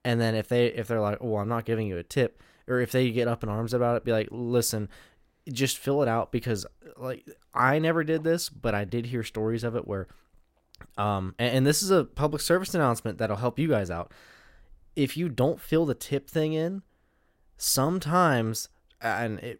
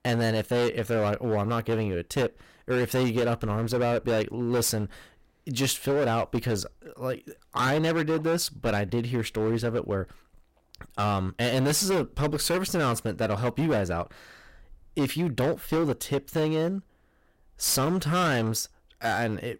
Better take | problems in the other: first | distortion; heavy; 14% of the sound clipped

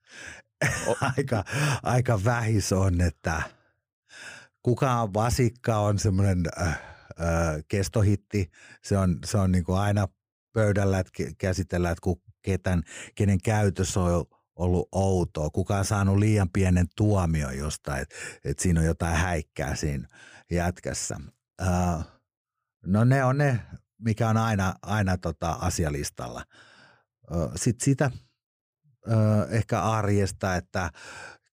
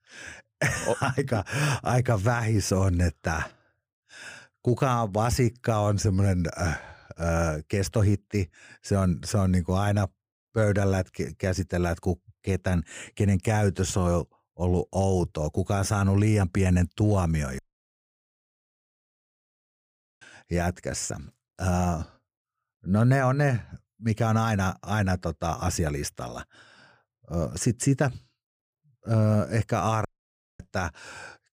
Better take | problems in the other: first | audio cutting out; at 18 s for 2.5 s and at 30 s for 0.5 s

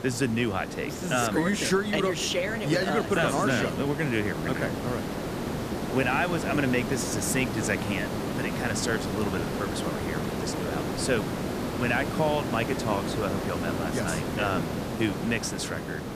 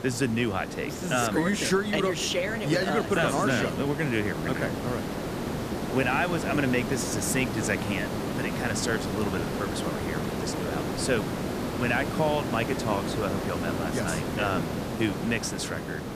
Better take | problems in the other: neither | hiss; loud; throughout; 3 dB below the speech; the same in both

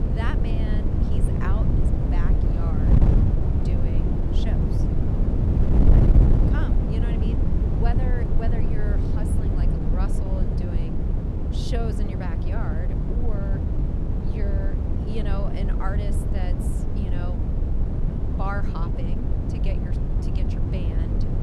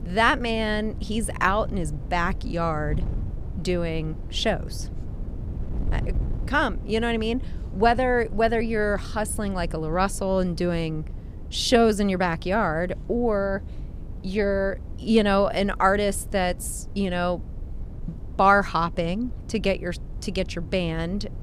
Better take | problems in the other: second | wind noise on the microphone; heavy; 3 dB above the speech; occasional gusts in the second

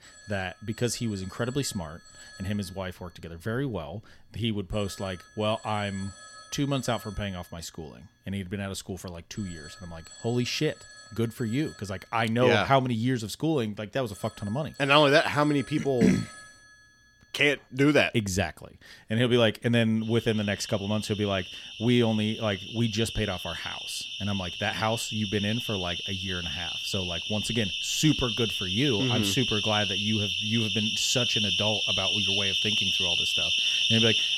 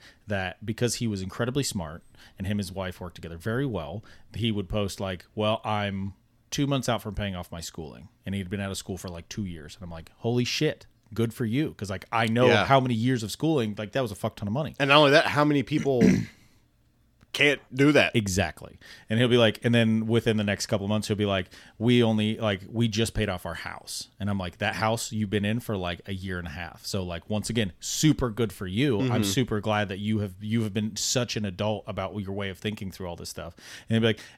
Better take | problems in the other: second | alarms or sirens; very loud; throughout; 1 dB above the speech

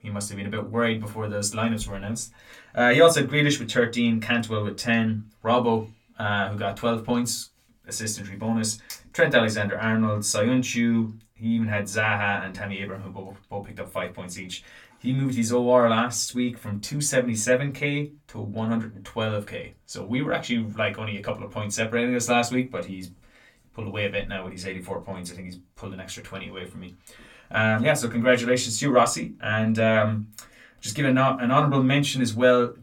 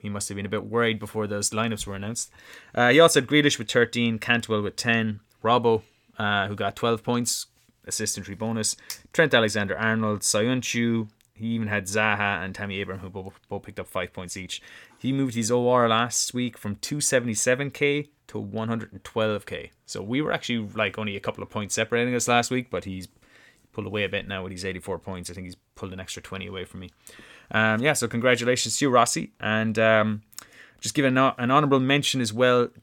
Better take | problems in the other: second | off-mic speech; far // room echo; very slight; dies away in 0.2 s

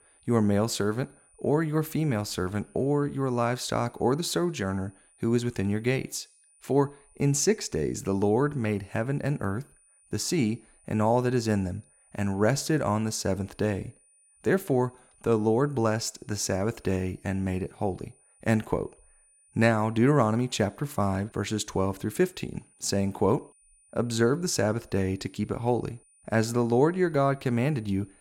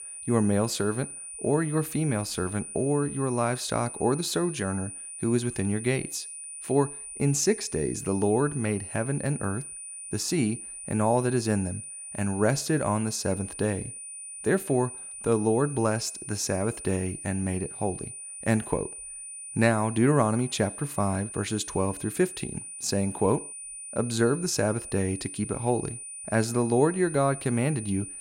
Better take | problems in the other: first | high-pitched whine; loud; throughout; 9.5 kHz, 10 dB below the speech; faint in the first

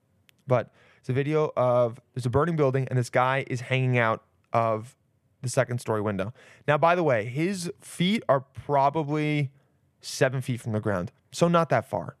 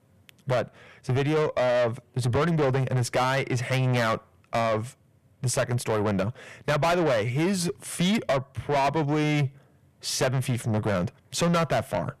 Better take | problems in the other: first | distortion; heavy; 6 dB below the speech

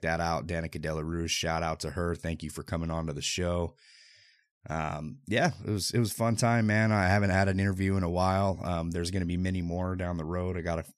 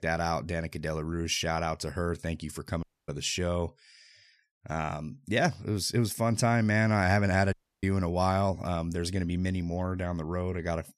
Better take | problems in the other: first | audio cutting out; at 3 s and at 7.5 s

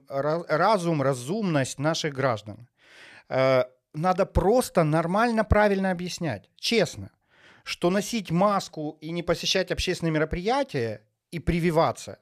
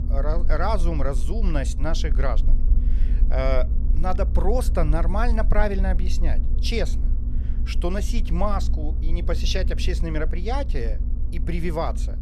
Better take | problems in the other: first | low rumble; noticeable; throughout; 15 dB below the speech

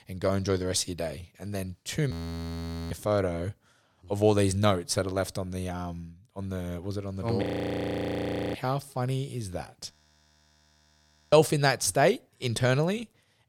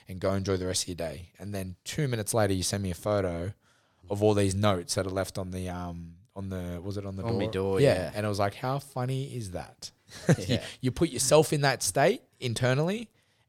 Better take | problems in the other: second | audio freezing; at 2 s for 1 s, at 7.5 s for 1 s and at 10 s for 1.5 s

